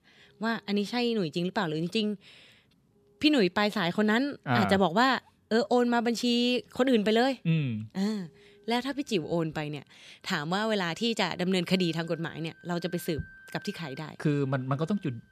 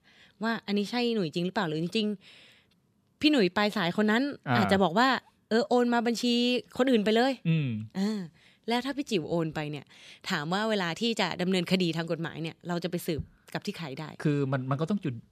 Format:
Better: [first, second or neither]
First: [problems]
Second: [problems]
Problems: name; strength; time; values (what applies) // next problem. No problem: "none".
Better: second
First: background music; faint; throughout; 30 dB below the speech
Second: none